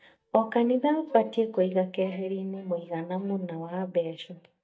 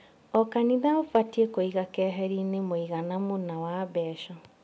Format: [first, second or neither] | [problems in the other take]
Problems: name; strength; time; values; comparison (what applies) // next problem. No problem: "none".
second | noise reduction (neural mask model DeepFilterNet 3)